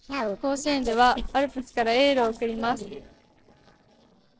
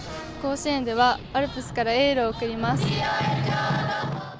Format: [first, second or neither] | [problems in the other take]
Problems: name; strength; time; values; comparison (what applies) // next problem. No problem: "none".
second | noise reduction (neural separator model SepFormer DNS4)